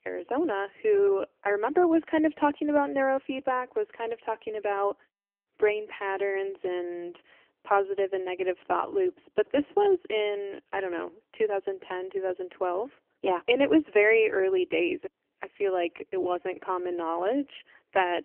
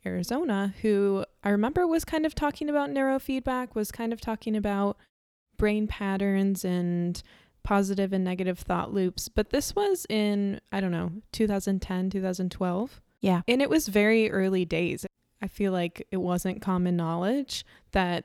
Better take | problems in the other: second | phone-call audio; poor line; nothing above 3 kHz

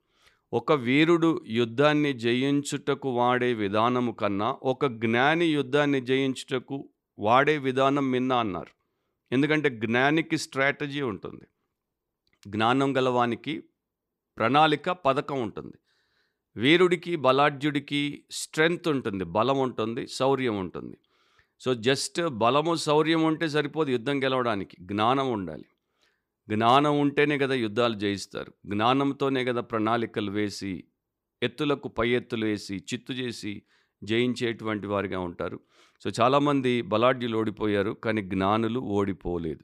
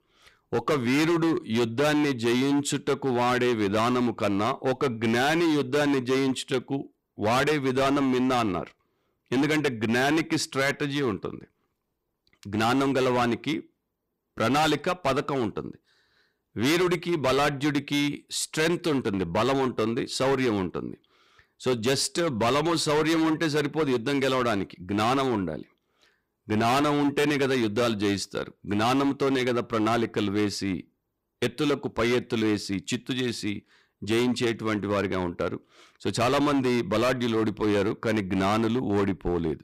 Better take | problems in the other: first | distortion; heavy; 16% of the sound clipped

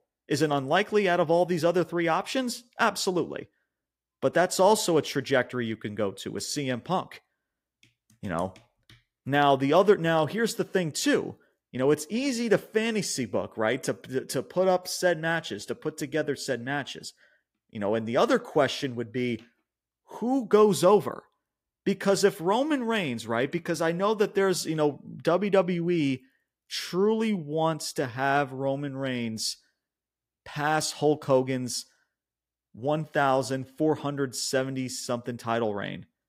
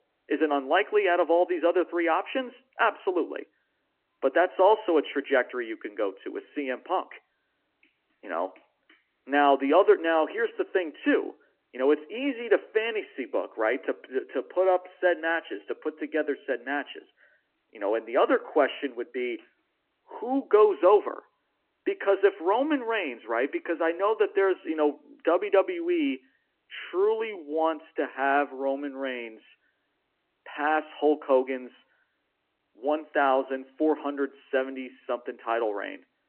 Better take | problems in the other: first | phone-call audio

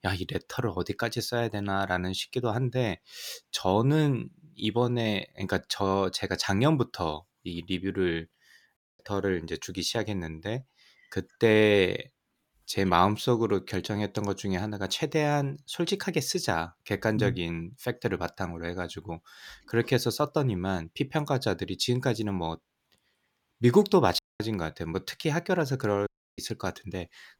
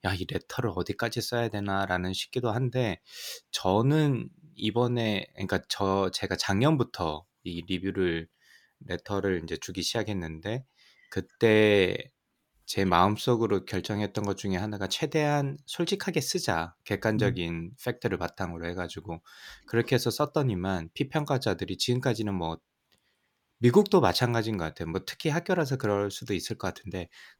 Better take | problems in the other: second | audio cutting out; at 9 s, at 24 s and at 26 s

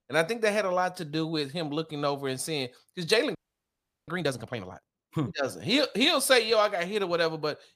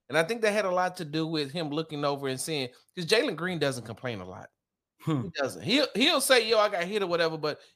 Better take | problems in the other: second | audio freezing; at 3.5 s for 0.5 s

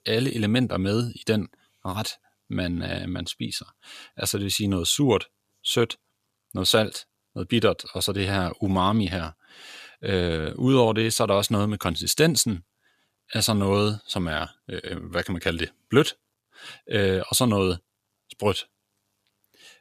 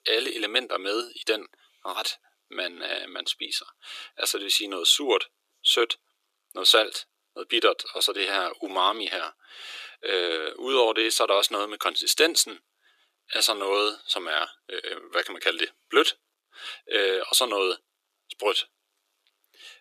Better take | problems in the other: first | thin; very; fading below 350 Hz

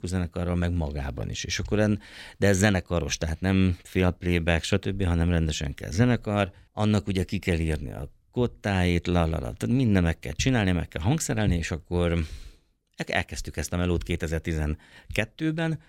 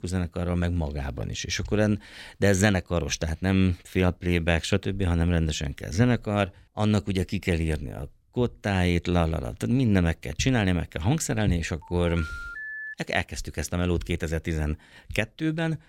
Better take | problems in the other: first | phone ringing; noticeable; from 12 to 13 s; peak 8 dB below the speech

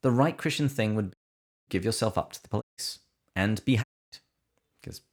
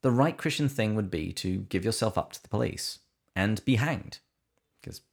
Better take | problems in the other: second | audio cutting out; at 1 s for 0.5 s, at 2.5 s and at 4 s

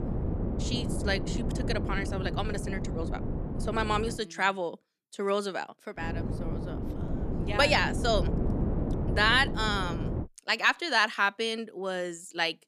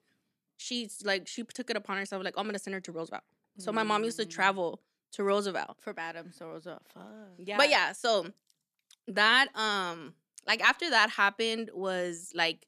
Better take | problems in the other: second | wind noise on the microphone; occasional gusts; until 4 s and from 6 to 10 s; 10 dB below the speech

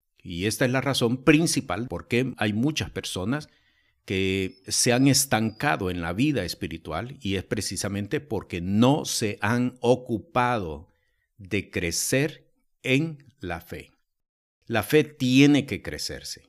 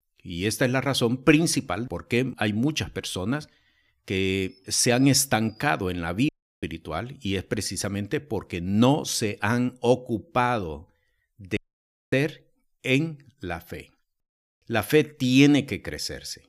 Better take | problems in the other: first | audio cutting out; at 6.5 s and at 12 s for 0.5 s

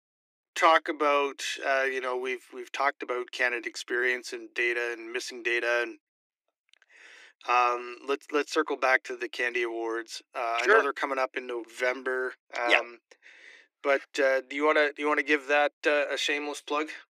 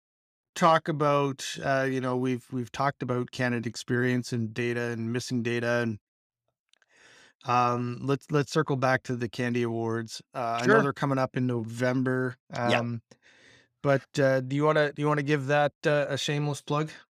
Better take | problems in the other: second | thin; very; fading below 300 Hz

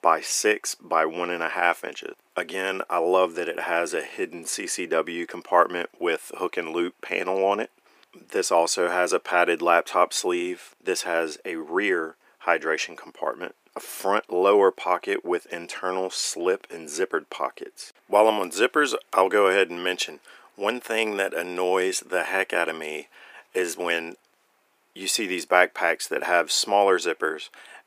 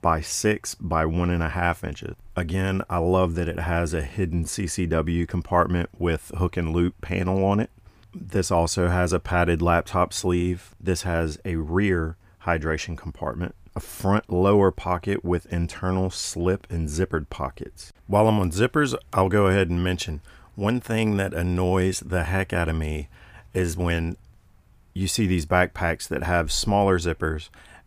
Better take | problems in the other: second | thin; very; fading below 350 Hz

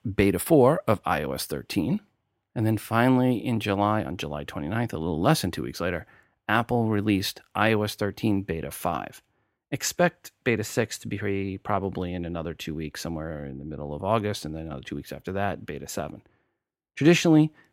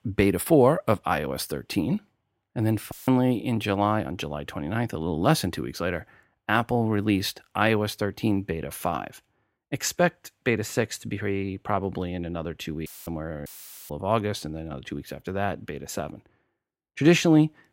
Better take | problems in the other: first | audio cutting out; filled with static; at 3 s and at 13 s

